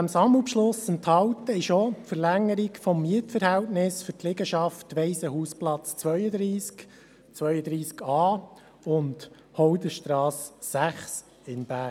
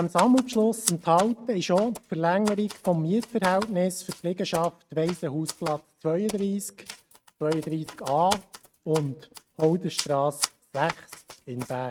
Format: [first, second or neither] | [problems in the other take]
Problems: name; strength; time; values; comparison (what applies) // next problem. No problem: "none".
first | noise reduction (neural mask model RNNoise)